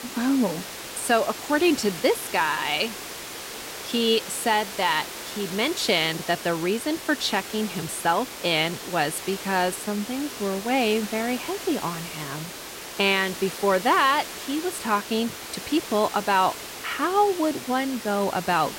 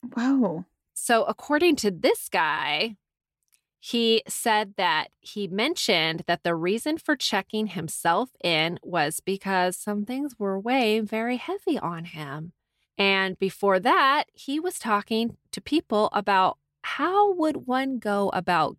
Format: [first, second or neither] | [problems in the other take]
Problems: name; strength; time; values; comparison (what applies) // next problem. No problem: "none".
second | hiss; loud; throughout; 10 dB below the speech